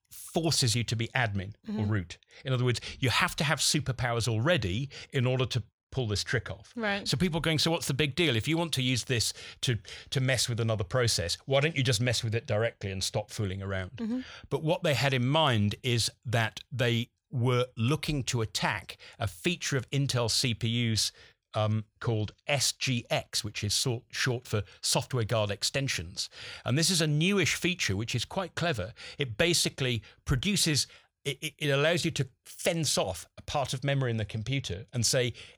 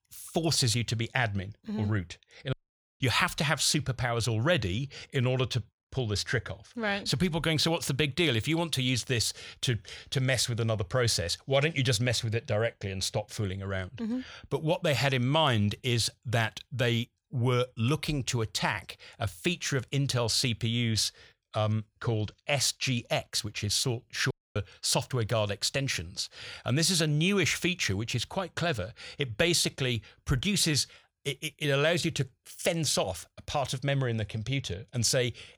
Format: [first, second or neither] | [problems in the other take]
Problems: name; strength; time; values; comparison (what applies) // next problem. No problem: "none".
first | audio cutting out; at 2.5 s and at 24 s